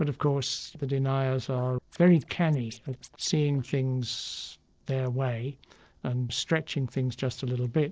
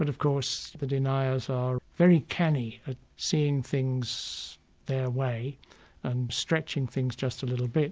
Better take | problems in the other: second | noise reduction (neural separator model SepFormer DNS4)

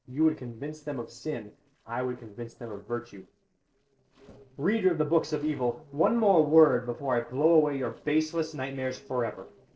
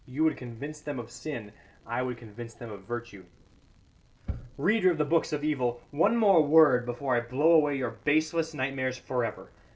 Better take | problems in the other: second | noise reduction (neural separator model SepFormer DNS4)

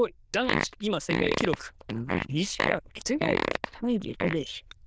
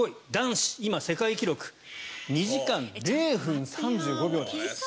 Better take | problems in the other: second | noise reduction (neural diffusion model UNIVERSE++)

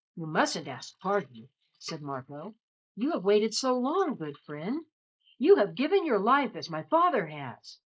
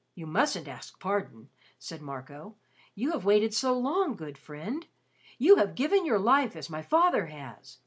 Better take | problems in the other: second | noise reduction (neural mask model Resemble Enhance denoiser)

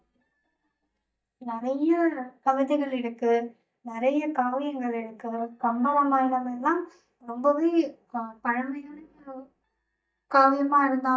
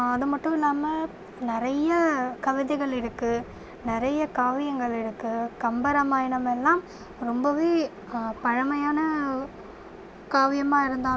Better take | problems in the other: second | noise reduction (neural mask model DeepFilterNet 3)

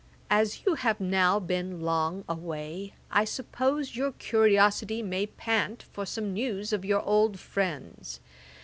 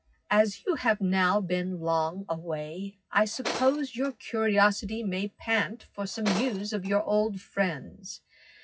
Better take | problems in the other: first | noise reduction (classical method WPE with log-MMSE)

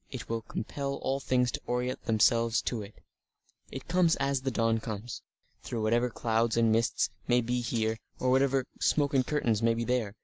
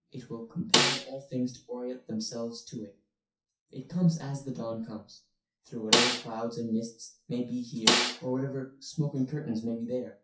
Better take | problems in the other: first | noise reduction (classical method WPE with log-MMSE)

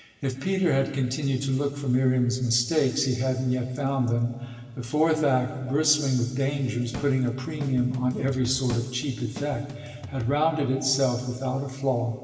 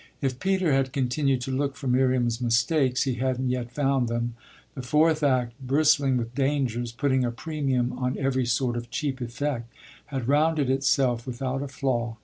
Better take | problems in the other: second | background sound (Drum kit); 14 dB below the speech // room echo; dies away in 1.9 s

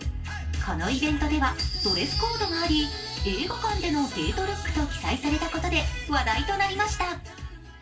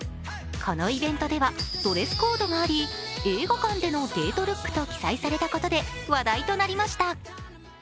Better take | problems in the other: second | room echo; dies away in 0.2 s

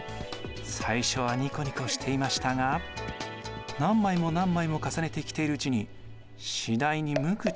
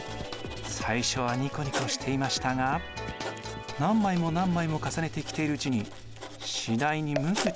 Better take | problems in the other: first | background sound (Writing); 13 dB below the speech

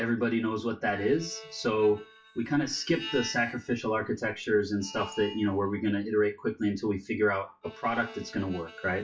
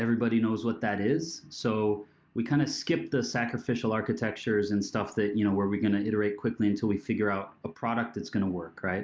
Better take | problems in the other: second | noise reduction (classical method WPE with log-MMSE)

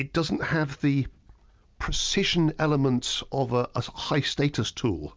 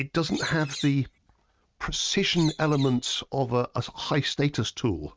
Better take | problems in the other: first | noise reduction (neural mask model RNNoise)

